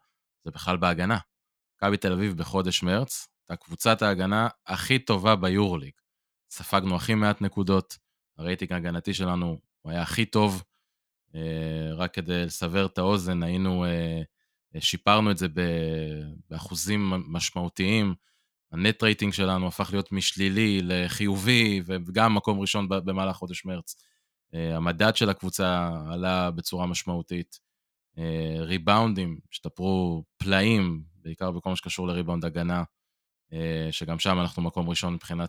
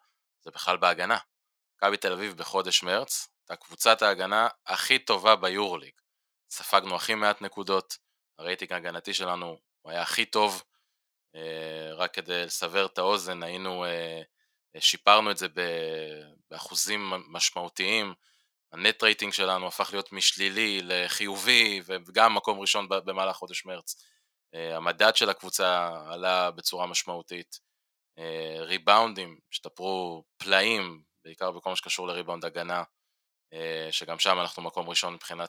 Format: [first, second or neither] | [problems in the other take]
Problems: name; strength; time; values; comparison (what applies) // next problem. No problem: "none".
first | thin; very; fading below 600 Hz